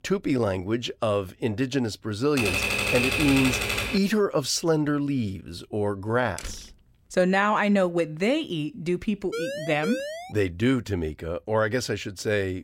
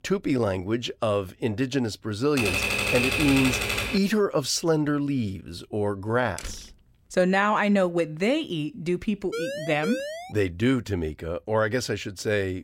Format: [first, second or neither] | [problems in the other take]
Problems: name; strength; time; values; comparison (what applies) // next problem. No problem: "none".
neither | keyboard typing; loud; from 2.5 to 4 s; peak 3 dB above the speech; the same in both // door banging; faint; at 6.5 s; peak 15 dB below the speech; the same in both // siren; noticeable; from 9.5 to 10 s; peak 6 dB below the speech; the same in both